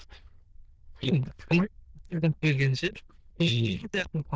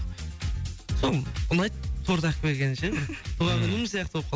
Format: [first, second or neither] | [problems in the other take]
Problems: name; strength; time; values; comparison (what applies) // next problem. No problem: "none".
second | noise reduction (neural diffusion model UNIVERSE++)